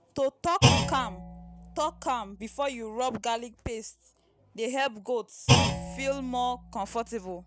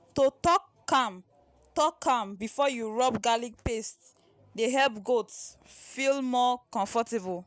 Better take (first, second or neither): second